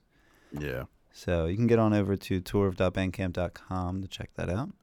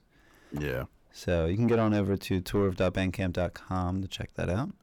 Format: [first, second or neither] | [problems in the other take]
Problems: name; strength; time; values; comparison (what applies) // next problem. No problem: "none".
first | distortion; slight; 10 dB below the speech